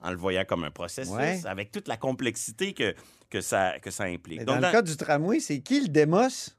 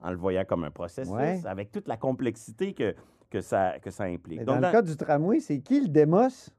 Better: first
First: none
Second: muffled; slightly; fading above 1.5 kHz

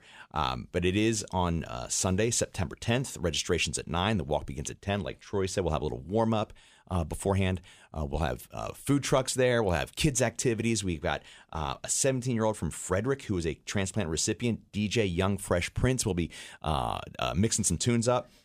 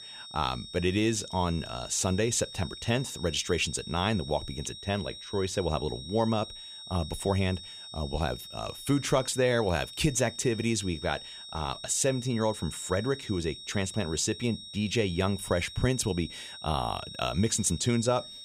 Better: first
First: none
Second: high-pitched whine; noticeable; throughout; 4 kHz, 10 dB below the speech

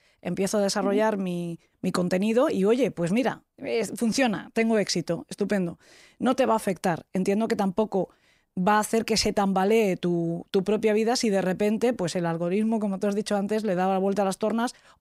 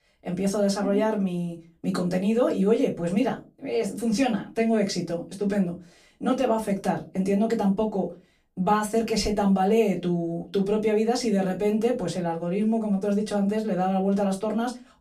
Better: first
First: none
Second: off-mic speech; far // room echo; very slight; dies away in 0.2 s

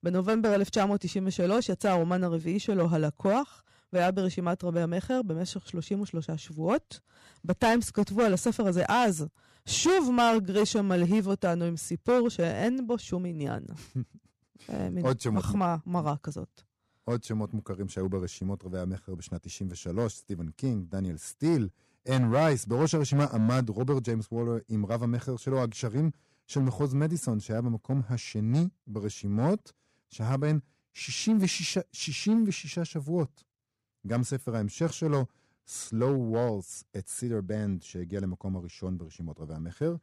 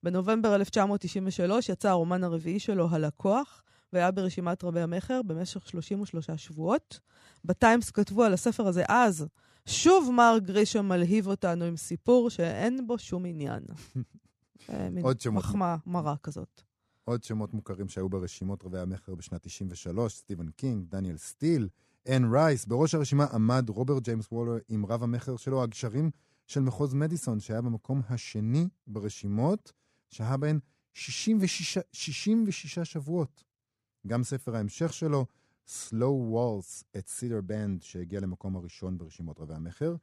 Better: second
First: distortion; slight; 3% of the sound clipped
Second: none

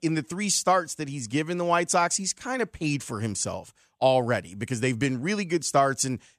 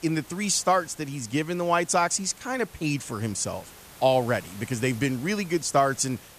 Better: first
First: none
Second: hiss; faint; throughout; 20 dB below the speech

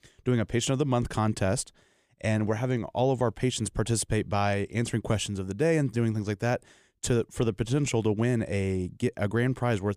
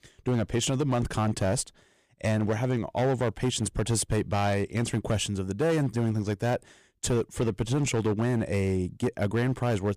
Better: first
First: none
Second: distortion; slight; 10% of the sound clipped

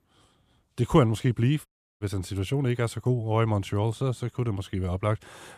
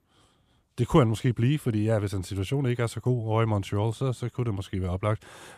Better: second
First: audio cutting out; at 1.5 s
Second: none

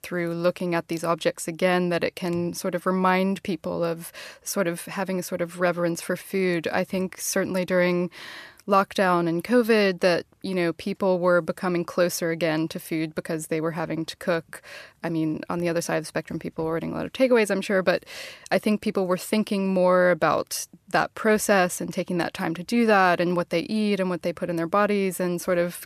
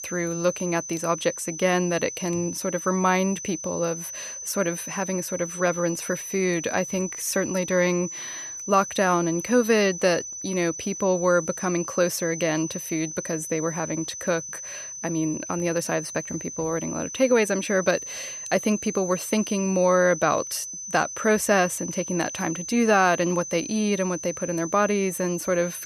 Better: first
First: none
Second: high-pitched whine; loud; throughout; 6 kHz, 8 dB below the speech

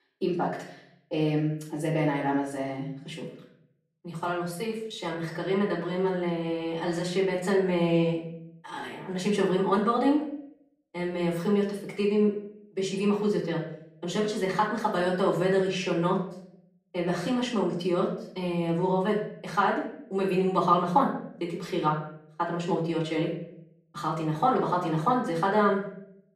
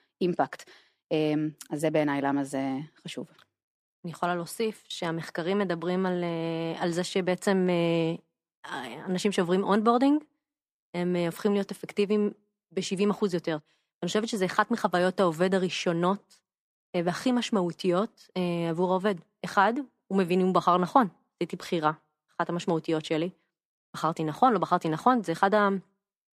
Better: second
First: room echo; slight; dies away in 0.6 s // off-mic speech; far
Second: none

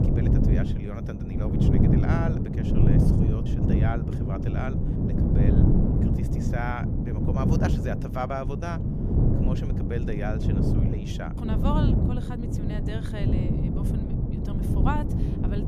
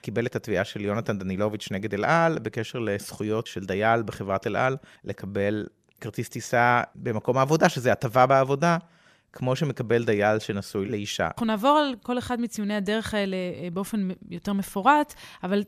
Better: second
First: wind noise on the microphone; heavy; 2 dB above the speech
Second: none

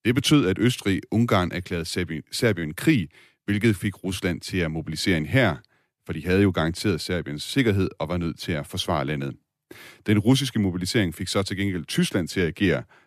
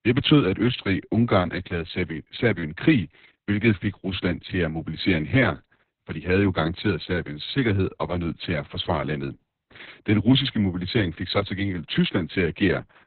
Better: first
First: none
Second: garbled, watery; badly; nothing above 4 kHz

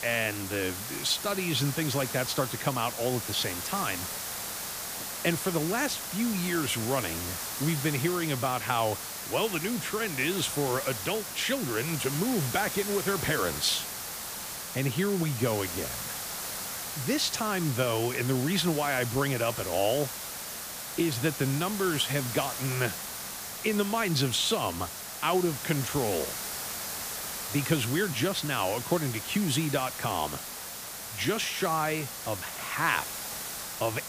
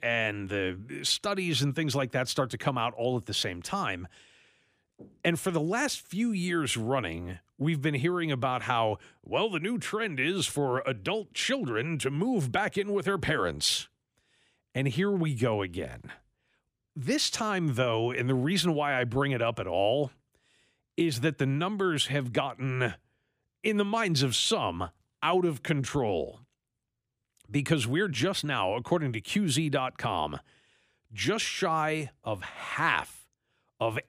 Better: second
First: hiss; loud; throughout; 5 dB below the speech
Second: none

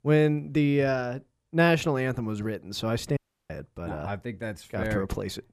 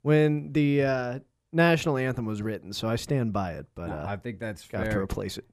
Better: second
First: audio cutting out; at 3 s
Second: none

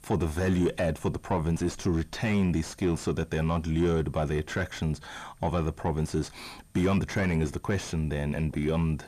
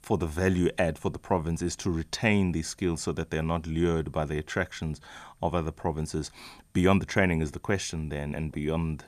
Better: second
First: distortion; heavy; 7 dB below the speech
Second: none

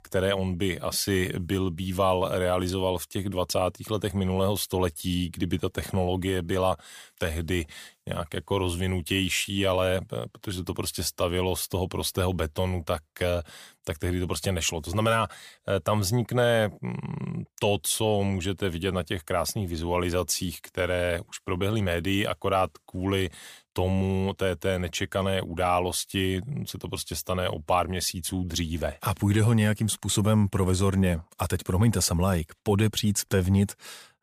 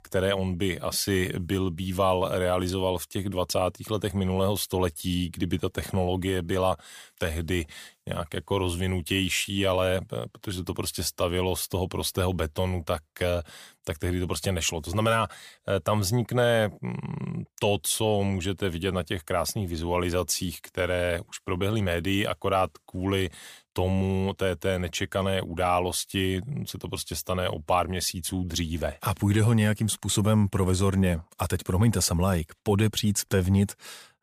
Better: neither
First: none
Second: none

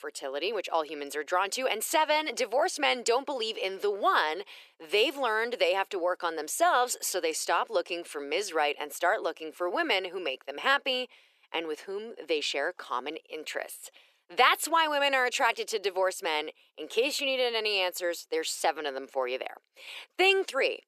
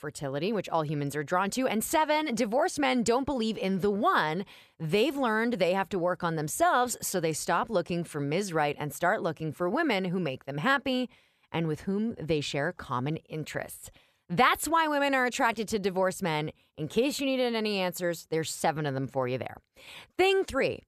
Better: second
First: thin; very; fading below 350 Hz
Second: none

